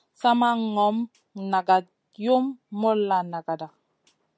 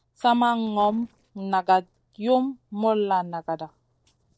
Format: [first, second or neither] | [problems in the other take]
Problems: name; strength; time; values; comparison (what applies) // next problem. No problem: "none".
first | noise reduction (neural separator model SepFormer DNS4)